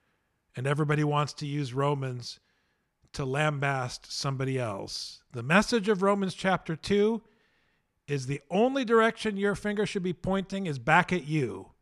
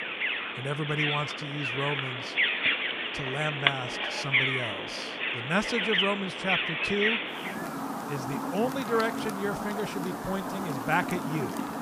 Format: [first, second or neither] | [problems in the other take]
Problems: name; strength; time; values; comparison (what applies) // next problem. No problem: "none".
first | animal sounds; very loud; throughout; 3 dB above the speech